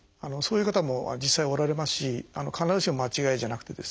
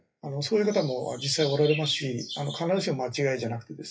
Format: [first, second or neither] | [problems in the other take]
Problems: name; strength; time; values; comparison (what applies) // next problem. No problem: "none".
first | noise reduction (classical method WPE with log-MMSE)